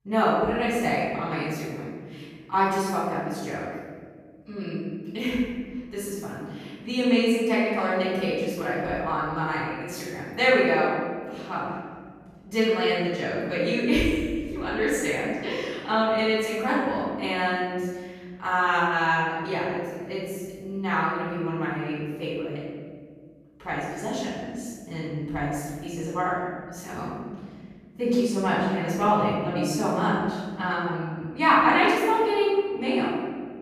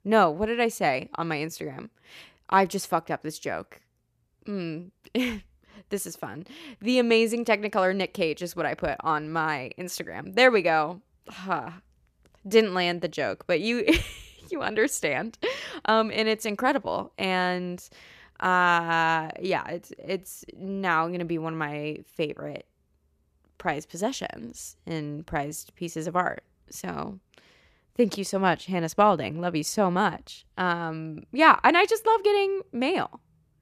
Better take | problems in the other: second | off-mic speech; far // room echo; strong; dies away in 1.8 s

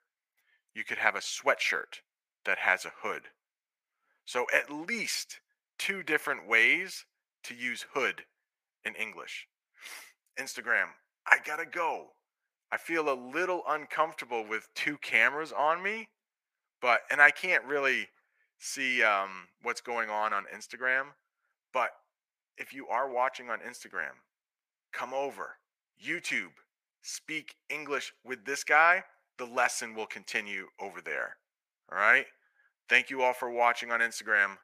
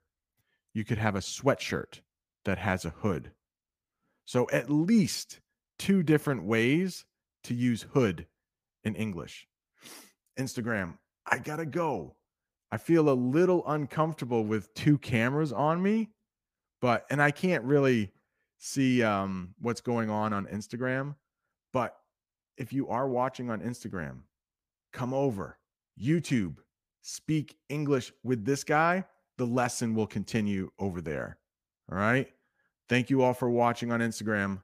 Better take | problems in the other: second | thin; very; fading below 750 Hz

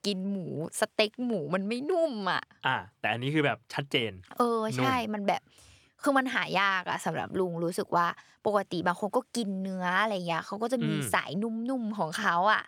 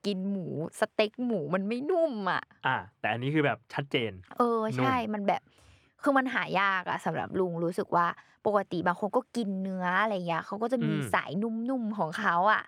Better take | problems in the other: first | muffled; slightly; fading above 3 kHz

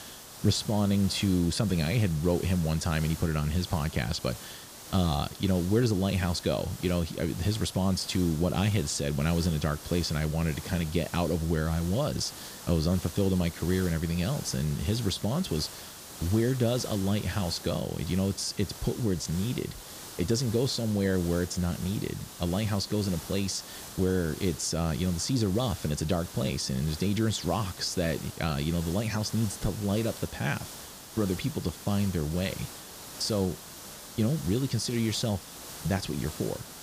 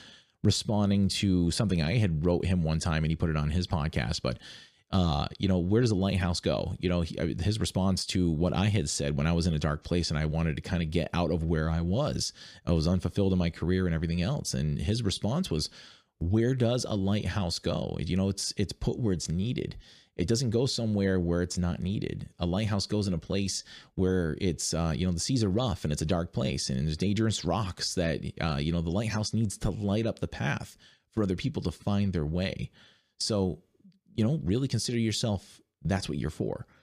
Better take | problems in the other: second | hiss; noticeable; throughout; 15 dB below the speech

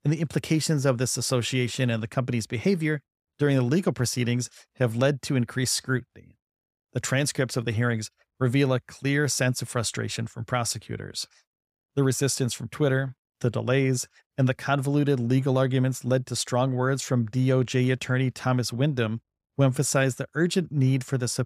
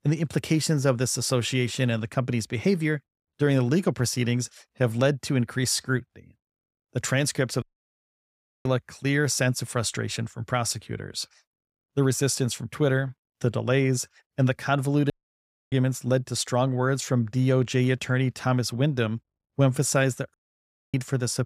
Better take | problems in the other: first | audio cutting out; at 7.5 s for 1 s, at 15 s for 0.5 s and at 20 s for 0.5 s

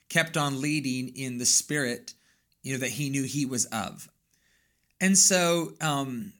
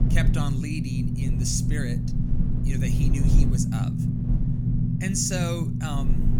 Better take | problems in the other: first | low rumble; loud; throughout; 3 dB below the speech

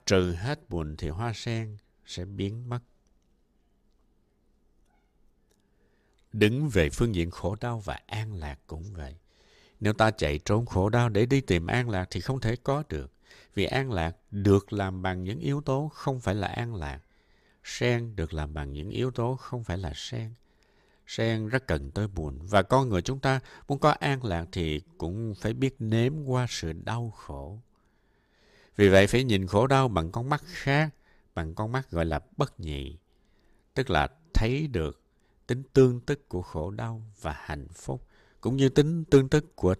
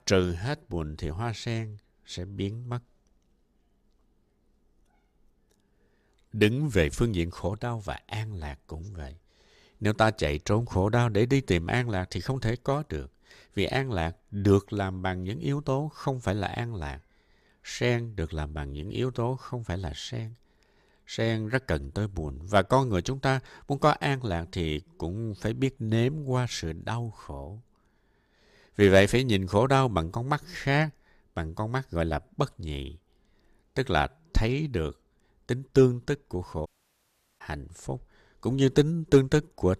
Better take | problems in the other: first | audio cutting out; at 37 s for 0.5 s

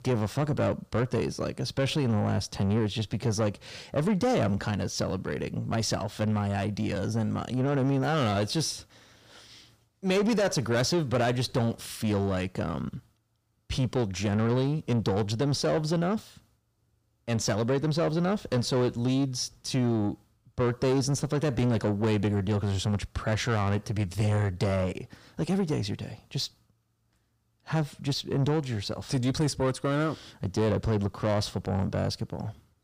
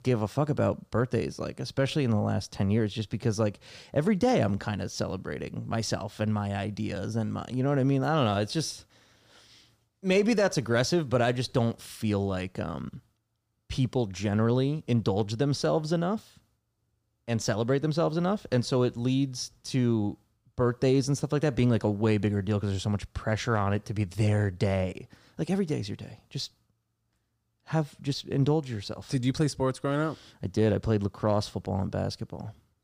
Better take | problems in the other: second | distortion; slight; 10 dB below the speech

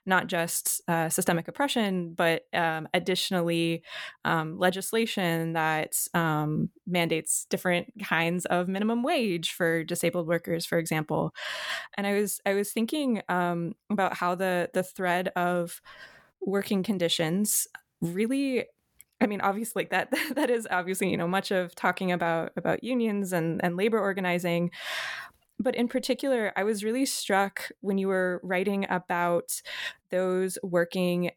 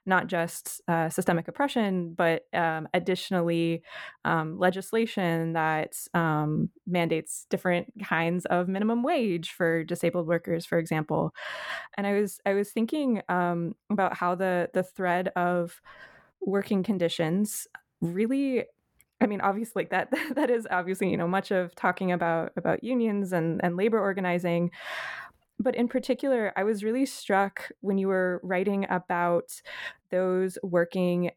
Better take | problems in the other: first | muffled; slightly; fading above 2.5 kHz

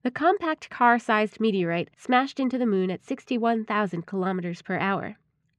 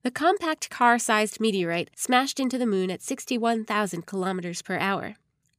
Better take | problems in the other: second | muffled; slightly; fading above 2.5 kHz

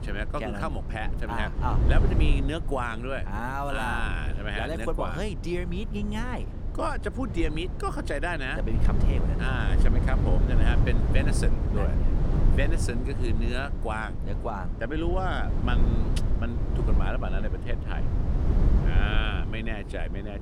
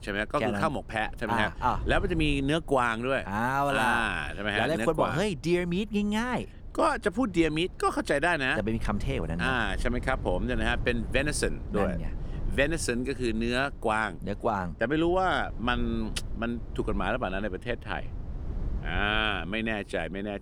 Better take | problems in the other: second | low rumble; loud; throughout; 7 dB below the speech; faint in the second

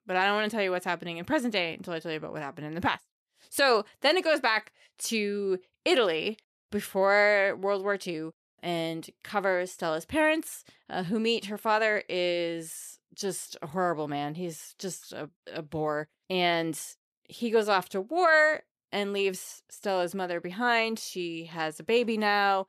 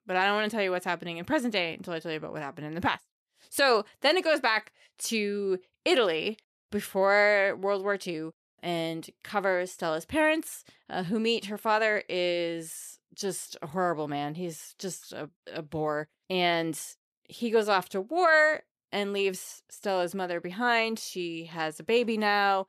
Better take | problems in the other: neither | none

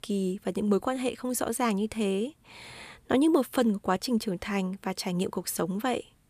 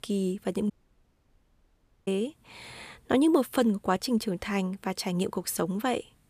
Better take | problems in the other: first | audio cutting out; at 0.5 s for 1.5 s

